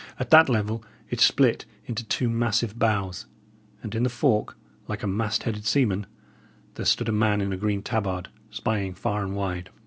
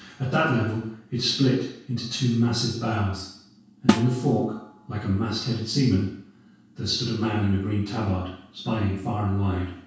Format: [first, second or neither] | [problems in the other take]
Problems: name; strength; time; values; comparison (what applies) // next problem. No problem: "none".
first | background sound (Snare drum); 3 dB below the speech // room echo; dies away in 0.6 s